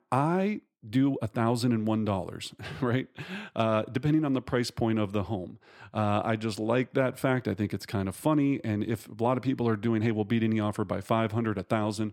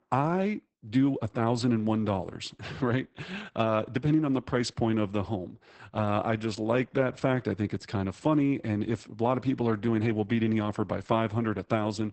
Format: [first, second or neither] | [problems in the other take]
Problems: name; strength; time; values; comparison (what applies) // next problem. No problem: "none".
first | garbled, watery; badly; nothing above 8 kHz